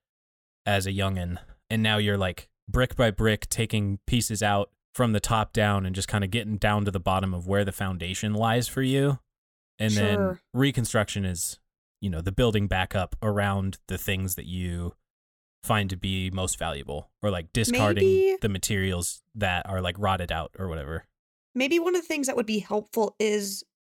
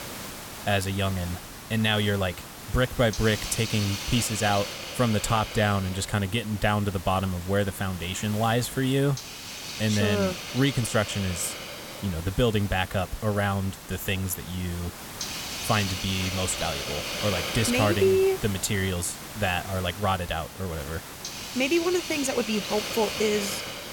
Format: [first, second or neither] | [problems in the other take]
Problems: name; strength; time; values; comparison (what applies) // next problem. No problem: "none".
first | hiss; loud; throughout; 8 dB below the speech